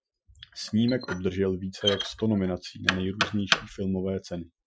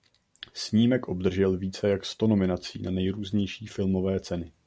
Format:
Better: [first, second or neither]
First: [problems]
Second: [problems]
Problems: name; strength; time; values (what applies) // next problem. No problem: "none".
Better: second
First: noise reduction (classical method Wiener filter)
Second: none